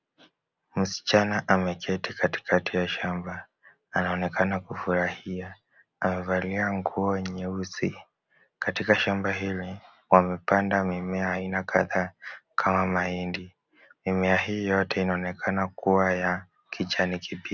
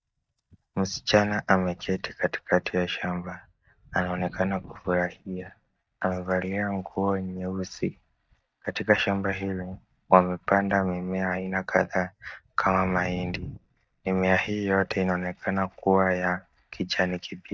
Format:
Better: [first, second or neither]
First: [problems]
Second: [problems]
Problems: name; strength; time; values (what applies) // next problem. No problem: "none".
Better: first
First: none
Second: noise reduction (neural mask model DeepFilterNet 3)